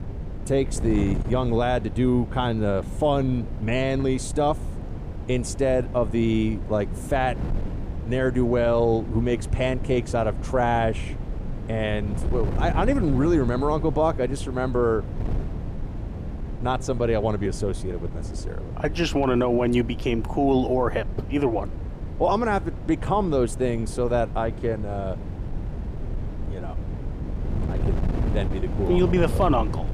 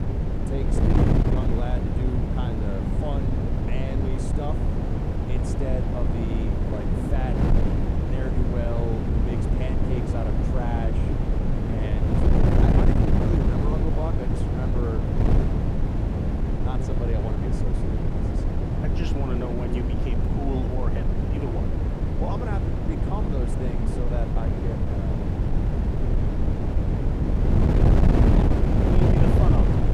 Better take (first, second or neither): first